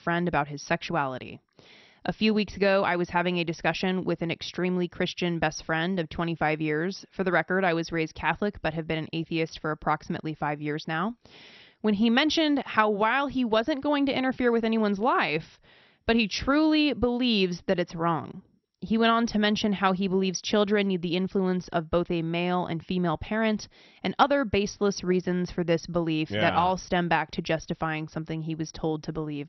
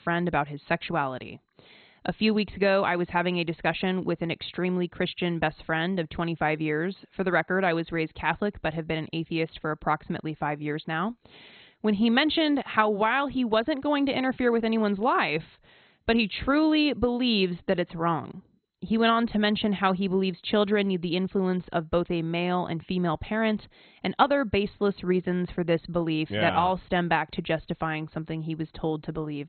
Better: first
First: garbled, watery; slightly; nothing above 6 kHz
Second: garbled, watery; badly; nothing above 4 kHz

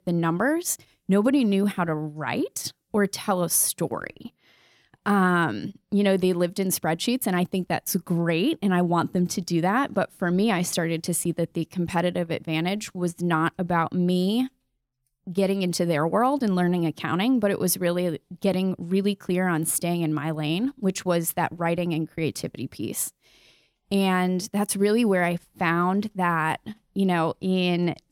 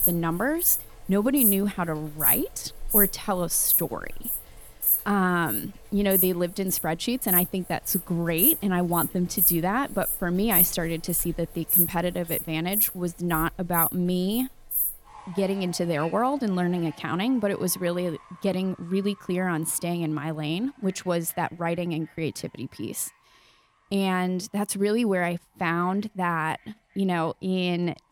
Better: first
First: none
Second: animal sounds; very loud; throughout; 3 dB above the speech

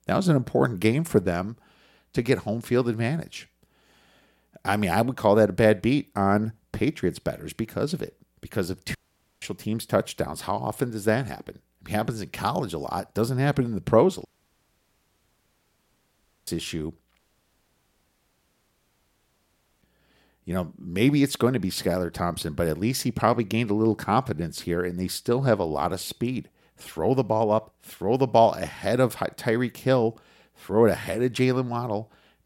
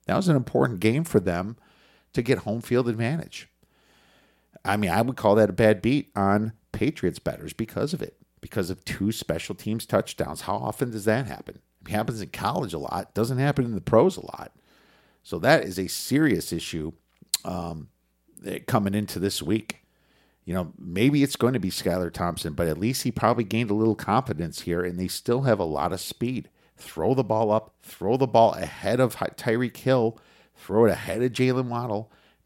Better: second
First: audio cutting out; at 9 s, at 14 s for 2 s and at 17 s for 2.5 s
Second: none

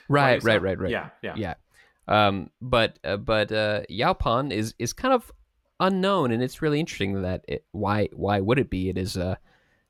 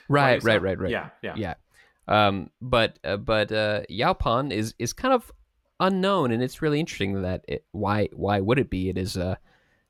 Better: neither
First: none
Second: none

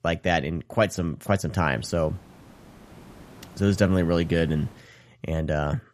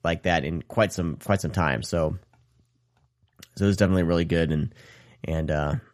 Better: second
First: hiss; faint; from 1.5 to 5 s; 25 dB below the speech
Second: none

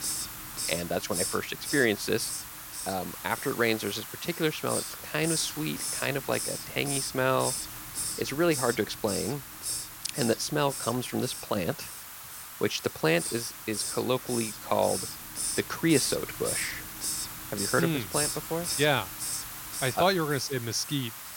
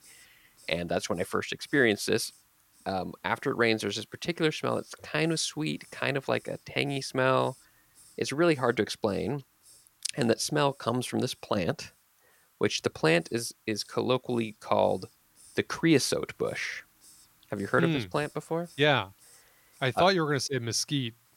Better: second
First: hiss; loud; throughout; 4 dB below the speech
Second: hiss; faint; throughout; 30 dB below the speech

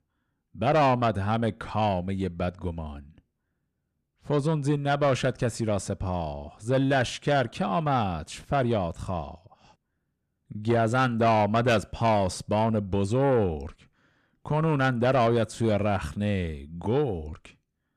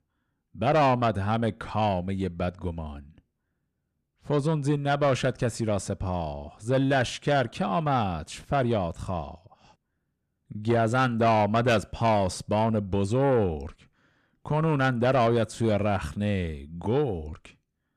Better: neither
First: distortion; slight; 10 dB below the speech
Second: distortion; slight; 10 dB below the speech

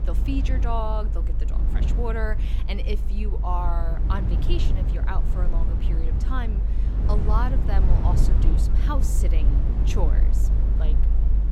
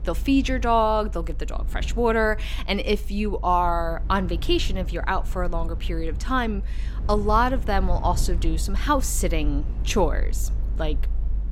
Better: second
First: low rumble; loud; throughout; 6 dB below the speech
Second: low rumble; faint; throughout; 25 dB below the speech

